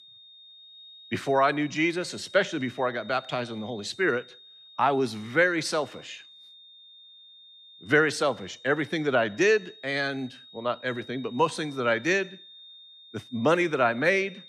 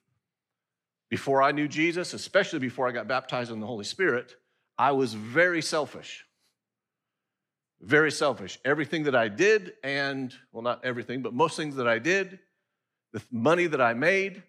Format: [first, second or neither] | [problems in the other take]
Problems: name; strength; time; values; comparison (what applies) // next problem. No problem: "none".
second | high-pitched whine; faint; throughout; 3.5 kHz, 20 dB below the speech